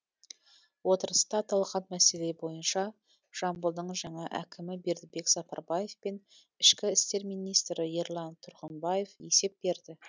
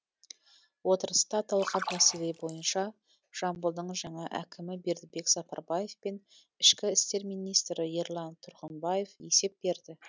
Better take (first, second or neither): first